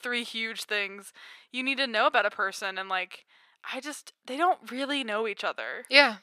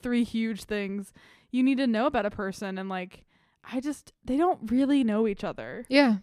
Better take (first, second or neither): second